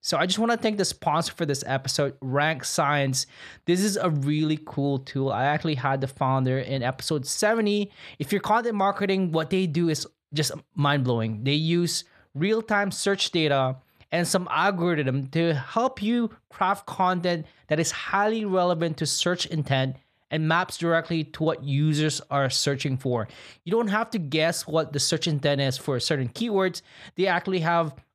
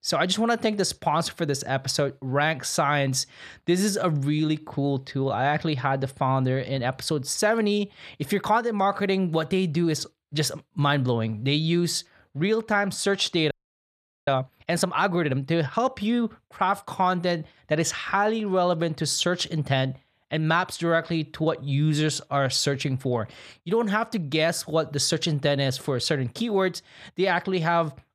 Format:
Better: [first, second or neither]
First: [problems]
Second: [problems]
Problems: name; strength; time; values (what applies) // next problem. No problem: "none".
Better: first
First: none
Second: audio freezing; at 14 s for 1 s